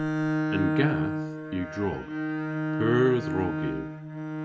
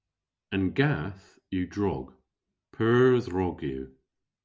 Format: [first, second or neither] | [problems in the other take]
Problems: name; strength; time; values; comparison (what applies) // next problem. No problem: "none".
second | background sound (Bowed string instrument); as loud as the speech